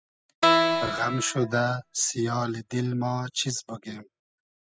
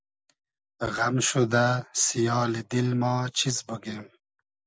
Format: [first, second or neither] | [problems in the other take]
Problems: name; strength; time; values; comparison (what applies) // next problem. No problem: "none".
second | noise reduction (classical method spectral subtraction)